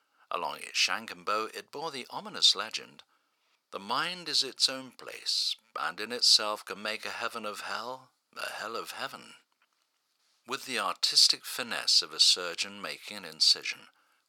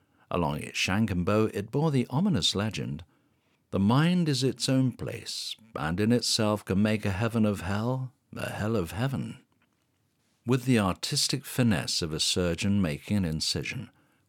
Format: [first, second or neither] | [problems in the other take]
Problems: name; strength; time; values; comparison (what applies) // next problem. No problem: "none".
second | thin; very; fading below 700 Hz